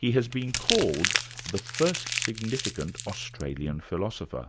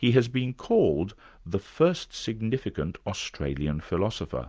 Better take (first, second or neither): second